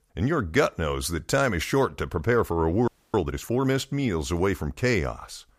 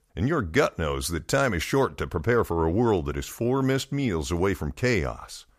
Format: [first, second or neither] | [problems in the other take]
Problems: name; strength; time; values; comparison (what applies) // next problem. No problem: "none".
second | audio freezing; at 3 s